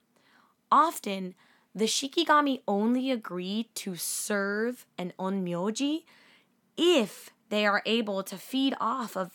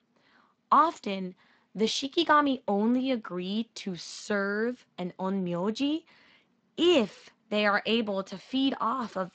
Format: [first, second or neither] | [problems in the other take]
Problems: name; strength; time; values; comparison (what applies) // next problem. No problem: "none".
first | garbled, watery; slightly; nothing above 7.5 kHz